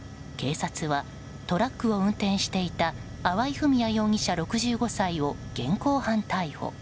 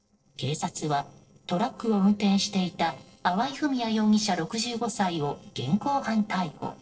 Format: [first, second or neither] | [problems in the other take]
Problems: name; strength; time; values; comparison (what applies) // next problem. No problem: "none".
first | noise reduction (neural separator model SepFormer DNS4)